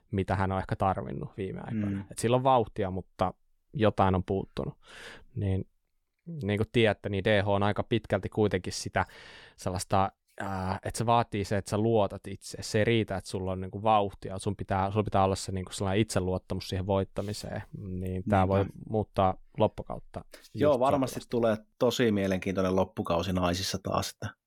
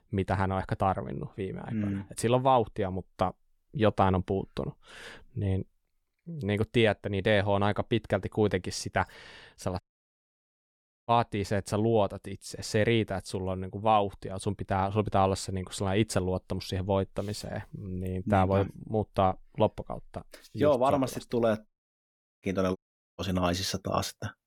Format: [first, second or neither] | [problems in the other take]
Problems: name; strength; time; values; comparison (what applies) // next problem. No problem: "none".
first | audio cutting out; at 10 s for 1.5 s, at 22 s for 0.5 s and at 23 s